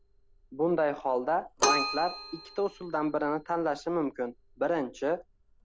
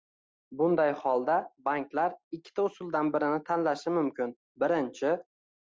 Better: second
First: background sound (Keyboard (musical)); 6 dB below the speech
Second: none

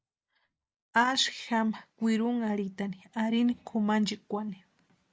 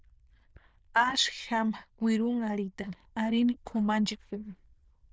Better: first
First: none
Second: noise reduction (neural diffusion model UNIVERSE++)

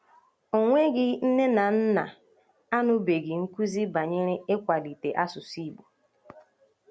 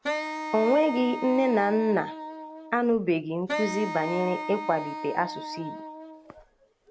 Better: first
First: none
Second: background sound (Wind instrument, woodwind instrument); 8 dB below the speech

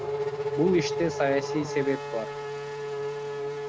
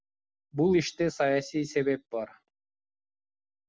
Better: second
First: background sound (Race car, auto racing / Accelerating, revving, vroom); 2 dB below the speech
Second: none

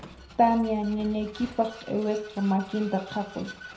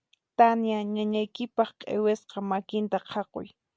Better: second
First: background sound (Vehicle); 18 dB below the speech // room echo; dies away in 0.5 s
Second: none

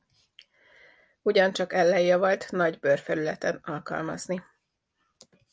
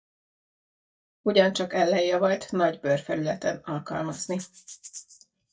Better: first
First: none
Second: noise reduction (neural mask model DeepFilterNet 3)

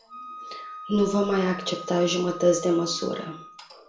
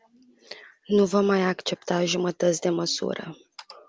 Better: second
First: background sound (Wind instrument, woodwind instrument); 14 dB below the speech // room echo; dies away in 0.4 s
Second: none

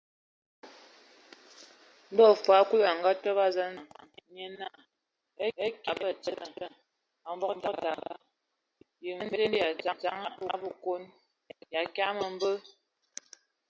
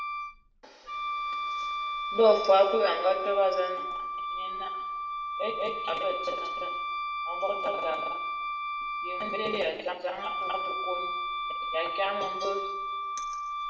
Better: first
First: none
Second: background sound (Wind instrument, woodwind instrument); 3 dB below the speech // room echo; dies away in 0.9 s

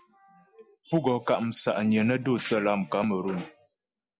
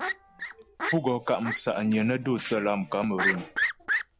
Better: first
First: none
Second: background sound (Fowl); 4 dB below the speech

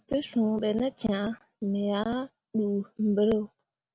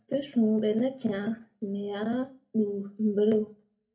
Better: first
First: none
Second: room echo; dies away in 0.3 s

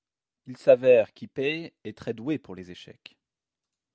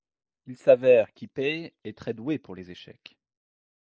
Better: first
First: none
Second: noise reduction (neural mask model Resemble Enhance denoiser)

